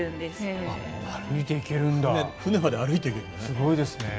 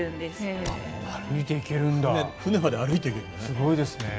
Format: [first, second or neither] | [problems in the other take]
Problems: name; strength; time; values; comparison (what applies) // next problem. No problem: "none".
first | background sound (Fireworks); 19 dB below the speech